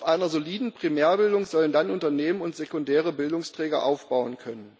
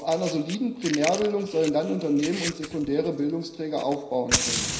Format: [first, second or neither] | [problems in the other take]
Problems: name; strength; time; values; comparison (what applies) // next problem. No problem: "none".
first | background sound (Fire); 7 dB below the speech // room echo; dies away in 0.9 s